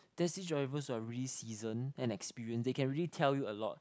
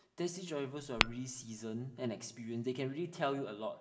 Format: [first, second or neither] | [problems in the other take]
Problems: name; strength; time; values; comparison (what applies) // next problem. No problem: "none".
first | background sound (Tap / Glass); 1 dB below the speech // room echo; dies away in 0.7 s